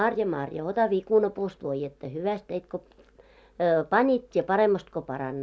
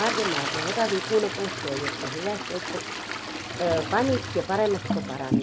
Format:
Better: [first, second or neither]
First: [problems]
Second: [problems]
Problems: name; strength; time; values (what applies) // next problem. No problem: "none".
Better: first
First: none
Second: background sound (Toilet flush); 2 dB below the speech